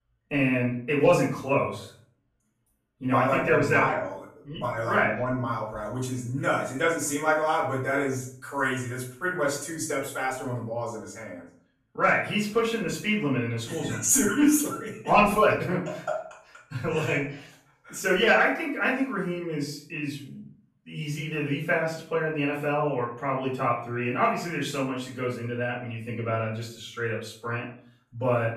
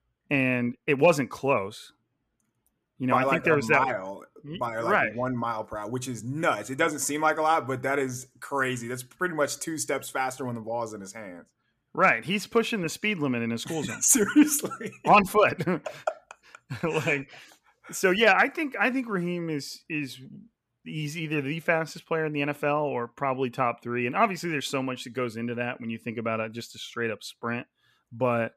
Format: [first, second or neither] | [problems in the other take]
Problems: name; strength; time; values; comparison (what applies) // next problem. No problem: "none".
second | off-mic speech; far // room echo; noticeable; dies away in 0.5 s